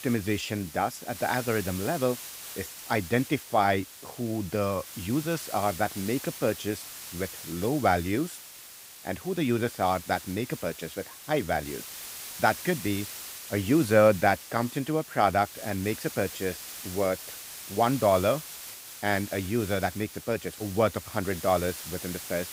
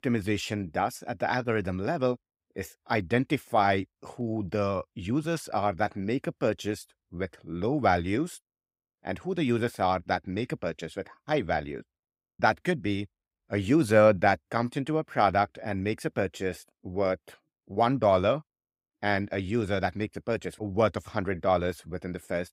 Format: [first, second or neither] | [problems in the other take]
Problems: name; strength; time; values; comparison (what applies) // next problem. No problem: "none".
second | hiss; noticeable; throughout; 10 dB below the speech